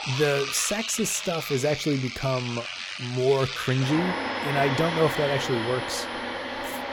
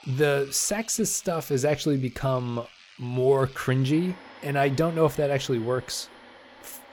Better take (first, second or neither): second